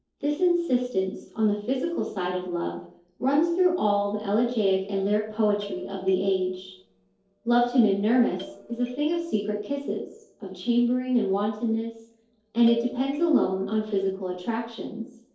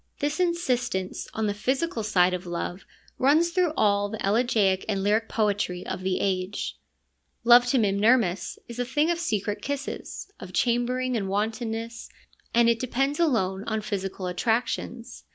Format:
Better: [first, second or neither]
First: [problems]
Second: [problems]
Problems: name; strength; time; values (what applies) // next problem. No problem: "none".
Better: second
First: noise reduction (neural separator model SepFormer DNS4)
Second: none